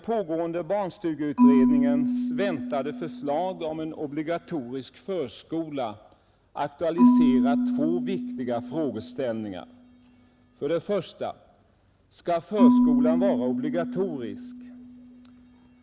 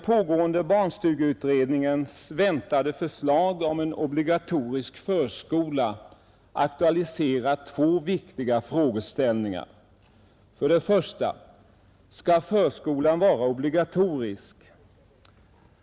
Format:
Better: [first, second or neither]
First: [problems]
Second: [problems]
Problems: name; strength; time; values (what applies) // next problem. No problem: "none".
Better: second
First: background sound (Marimba, xylophone / Wood); 3 dB above the speech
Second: none